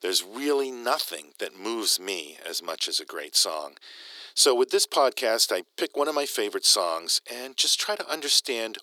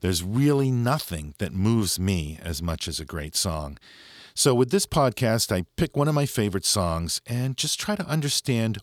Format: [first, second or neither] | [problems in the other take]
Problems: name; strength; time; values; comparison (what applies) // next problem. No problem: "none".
second | thin; very; fading below 350 Hz